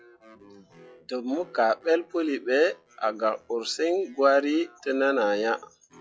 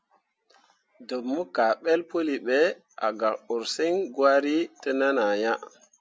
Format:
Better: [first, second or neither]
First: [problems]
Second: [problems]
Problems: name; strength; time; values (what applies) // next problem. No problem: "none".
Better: second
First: noise reduction (classical method log-MMSE)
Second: none